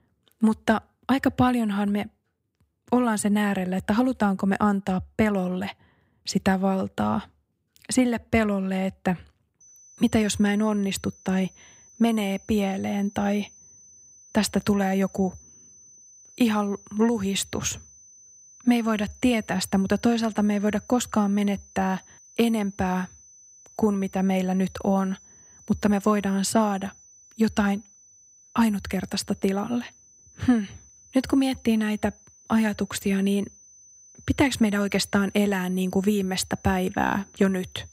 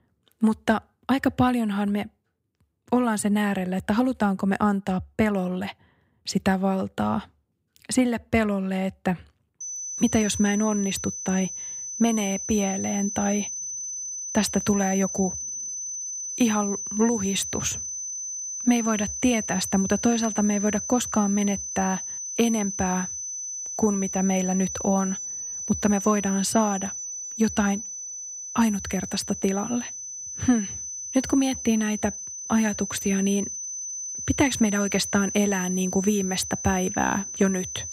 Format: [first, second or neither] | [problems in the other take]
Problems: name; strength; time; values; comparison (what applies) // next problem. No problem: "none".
first | high-pitched whine; loud; from 9.5 s on; 6 kHz, 6 dB below the speech; faint in the first